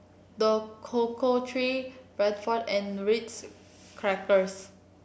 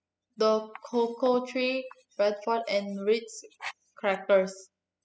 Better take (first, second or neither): first